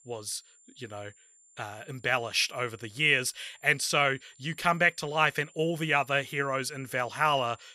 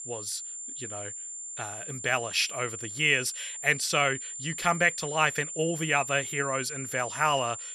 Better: first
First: high-pitched whine; faint; throughout; 7 kHz, 30 dB below the speech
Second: high-pitched whine; loud; throughout; 7 kHz, 8 dB below the speech

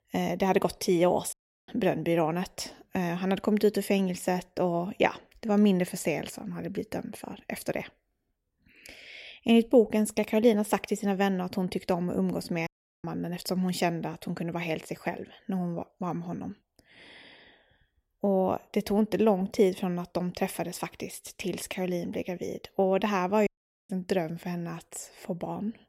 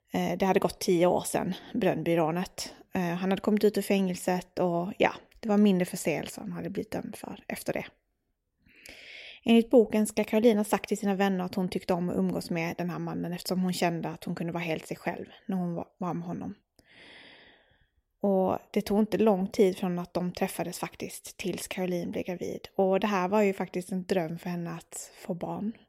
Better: second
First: audio cutting out; at 1.5 s, at 13 s and at 23 s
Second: none

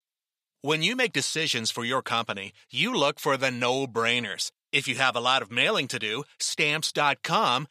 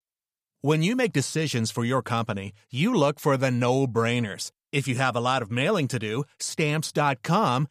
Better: second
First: thin; somewhat; fading below 900 Hz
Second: none

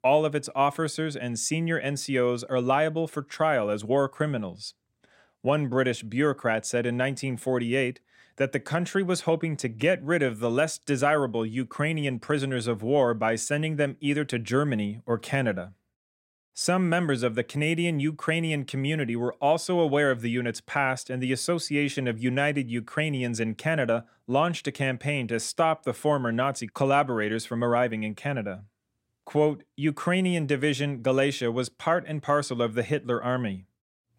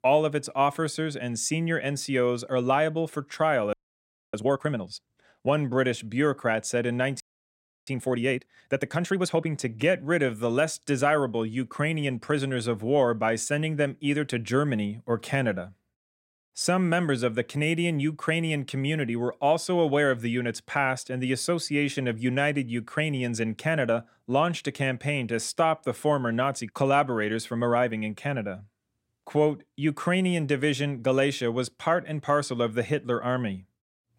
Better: first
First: none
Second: audio freezing; at 3.5 s for 0.5 s and at 7 s for 0.5 s

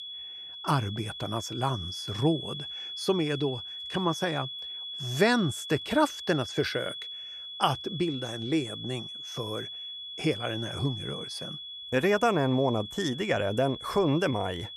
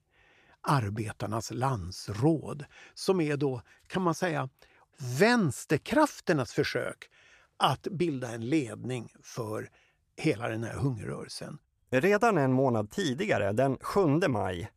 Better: second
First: high-pitched whine; loud; throughout; 3.5 kHz, 8 dB below the speech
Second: none

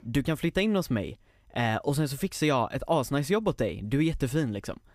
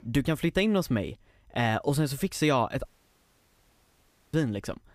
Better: first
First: none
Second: audio cutting out; at 3 s for 1.5 s

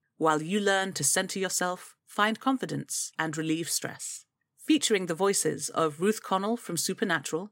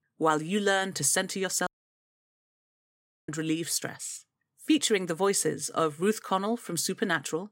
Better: first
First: none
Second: audio cutting out; at 1.5 s for 1.5 s

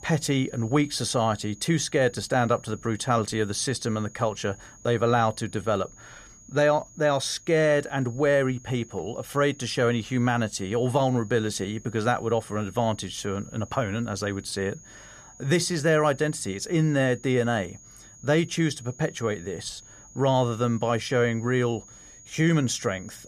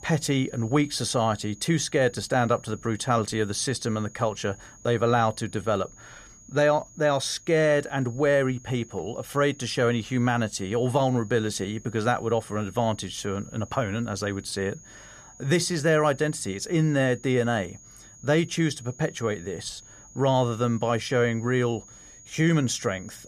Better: neither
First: high-pitched whine; faint; throughout; 6.5 kHz, 20 dB below the speech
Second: high-pitched whine; faint; throughout; 6.5 kHz, 20 dB below the speech

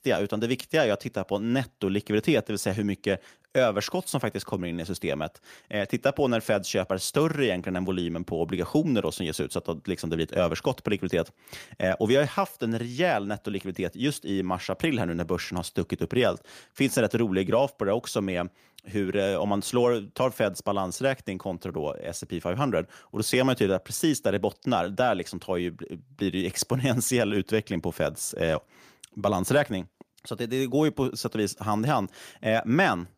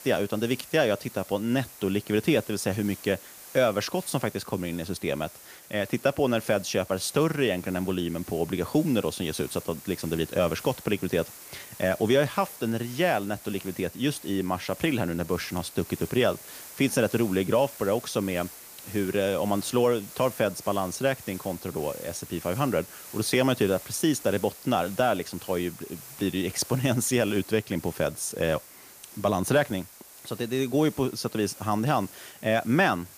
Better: first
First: none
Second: hiss; noticeable; throughout; 15 dB below the speech

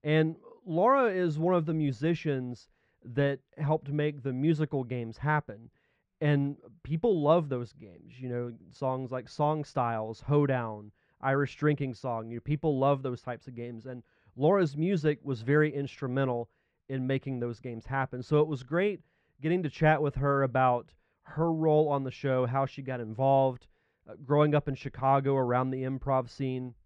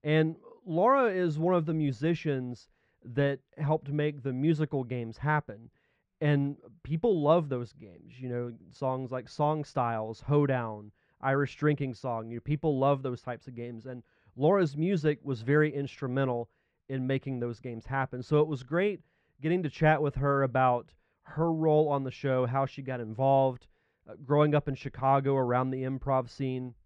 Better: neither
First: muffled; very; fading above 2 kHz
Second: muffled; very; fading above 2 kHz

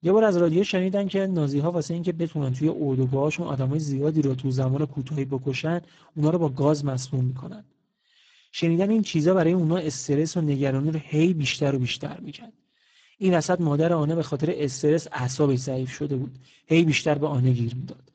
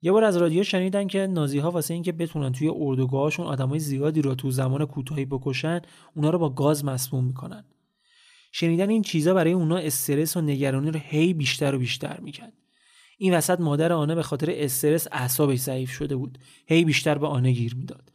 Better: second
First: garbled, watery; badly; nothing above 7.5 kHz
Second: none

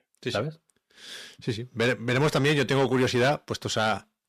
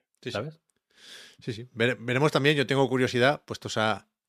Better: second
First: distortion; heavy; 7 dB below the speech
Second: none

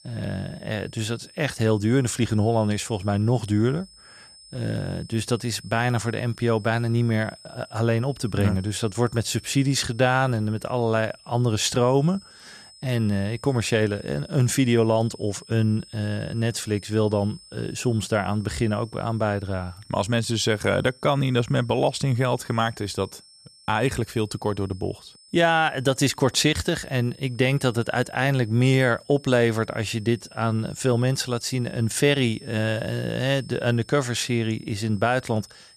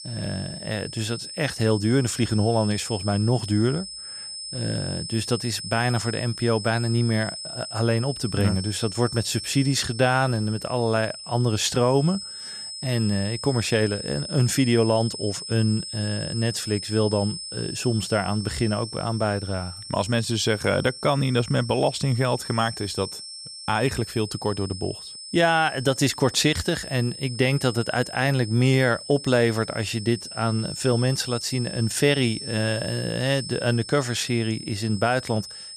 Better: first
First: high-pitched whine; faint; throughout; 5 kHz, 25 dB below the speech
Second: high-pitched whine; loud; throughout; 5 kHz, 10 dB below the speech

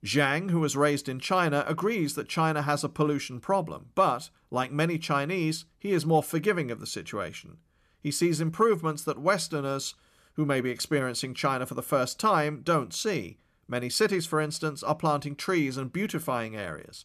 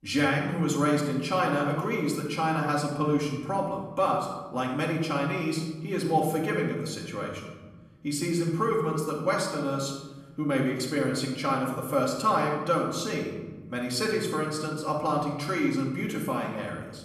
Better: first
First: none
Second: room echo; noticeable; dies away in 1.2 s // off-mic speech; far

